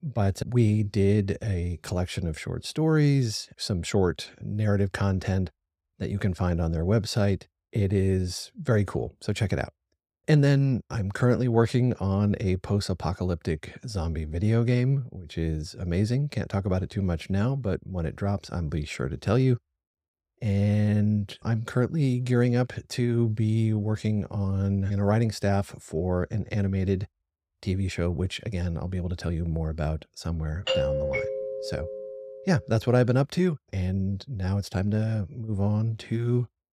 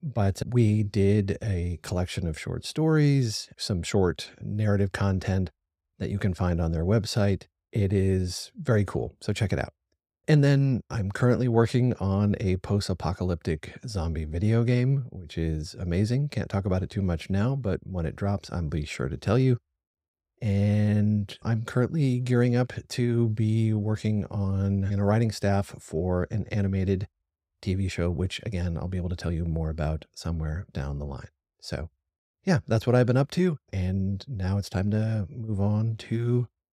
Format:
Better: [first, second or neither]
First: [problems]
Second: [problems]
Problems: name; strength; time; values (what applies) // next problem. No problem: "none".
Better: second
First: doorbell; loud; from 31 to 32 s; peak 1 dB above the speech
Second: none